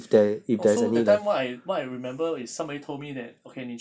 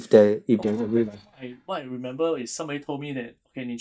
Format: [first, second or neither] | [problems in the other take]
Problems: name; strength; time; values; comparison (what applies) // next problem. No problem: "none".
first | noise reduction (neural mask model DeepFilterNet 3)